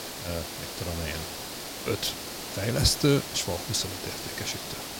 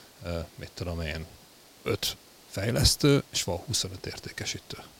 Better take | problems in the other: second | hiss; loud; throughout; 6 dB below the speech; faint in the second

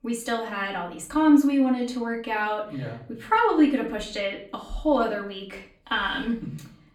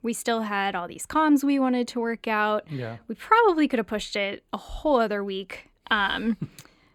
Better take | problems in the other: second | off-mic speech; far // room echo; slight; dies away in 0.4 s

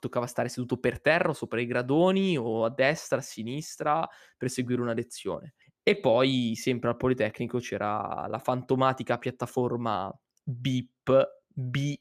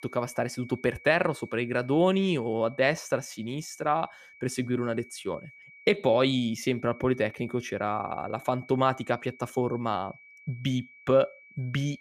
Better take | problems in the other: first | high-pitched whine; faint; throughout; 2.5 kHz, 20 dB below the speech

